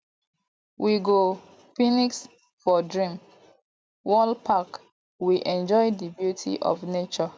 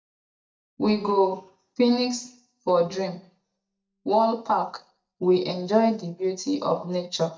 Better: first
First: none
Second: noise reduction (neural mask model DeepFilterNet 3)

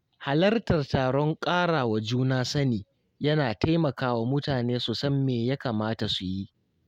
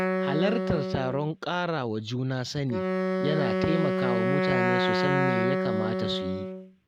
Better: first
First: none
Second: background sound (Wind instrument, woodwind instrument); 2 dB above the speech

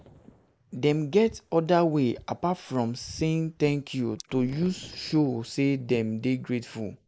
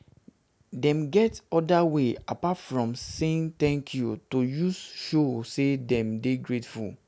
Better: second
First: noise reduction (neural mask model Resemble Enhance denoiser)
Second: none

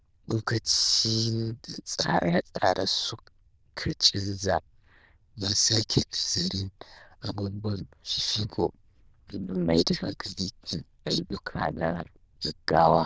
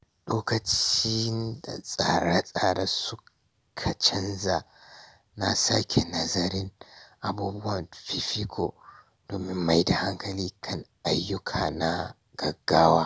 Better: second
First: noise reduction (neural diffusion model UNIVERSE++)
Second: none

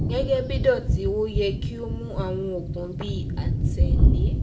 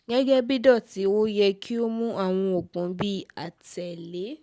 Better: second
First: background sound (Thunder); 5 dB above the speech // room echo; dies away in 0.4 s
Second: none

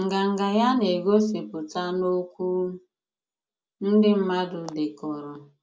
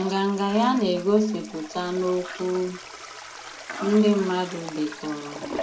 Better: first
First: none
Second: background sound (Toilet flush); 13 dB below the speech

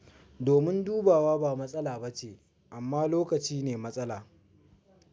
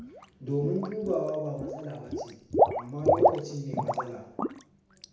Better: first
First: none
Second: background sound (Water / Liquid); 4 dB above the speech // room echo; dies away in 0.8 s

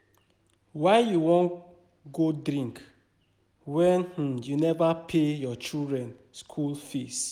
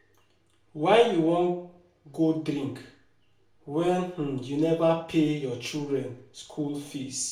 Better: first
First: none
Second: room echo; dies away in 0.4 s

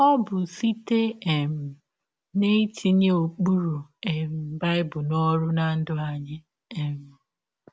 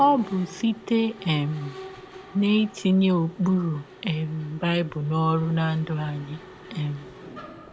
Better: first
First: none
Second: background sound (Mechanisms); 18 dB below the speech

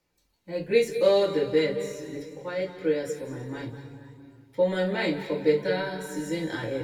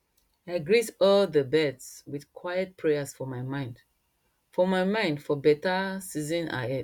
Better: second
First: room echo; dies away in 2.3 s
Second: none

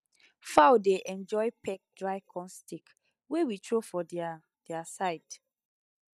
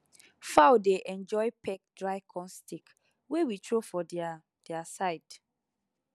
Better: second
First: noise reduction (neural mask model DeepFilterNet 3)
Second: none

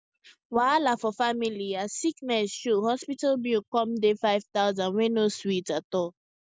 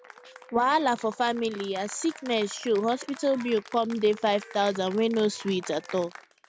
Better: first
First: none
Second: background sound (Applause / Cheering); 18 dB below the speech

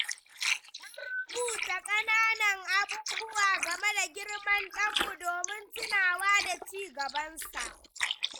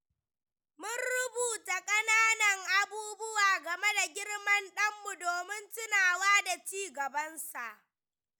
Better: second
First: noise reduction (neural mask model Resemble Enhance denoiser)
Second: none

